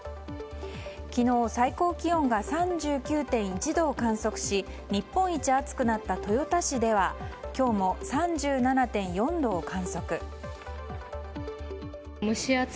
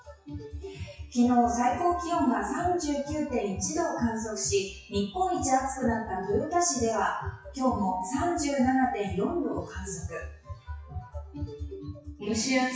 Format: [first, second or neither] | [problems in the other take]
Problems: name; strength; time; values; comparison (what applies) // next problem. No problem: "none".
first | noise reduction (classical method WPE with log-MMSE)